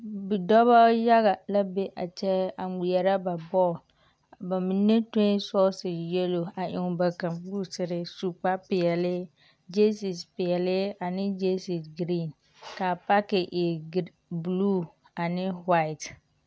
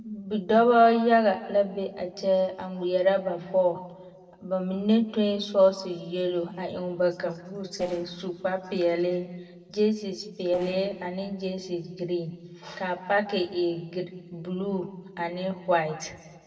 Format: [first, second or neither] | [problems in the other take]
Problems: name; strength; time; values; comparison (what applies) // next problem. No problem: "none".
first | noise reduction (neural separator model SepFormer DNS4)